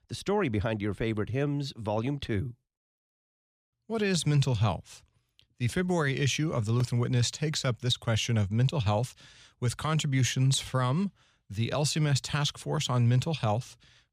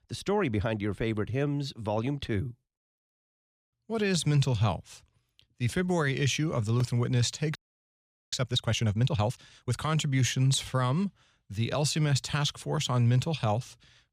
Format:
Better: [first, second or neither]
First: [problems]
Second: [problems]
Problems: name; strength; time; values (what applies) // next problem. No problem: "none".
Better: first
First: none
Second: audio freezing; at 7.5 s for 1 s